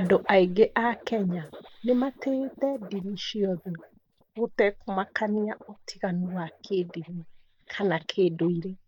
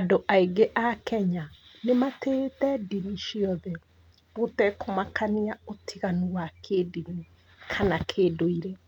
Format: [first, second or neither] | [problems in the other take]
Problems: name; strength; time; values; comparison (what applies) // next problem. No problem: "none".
second | noise reduction (neural mask model DeepFilterNet 3)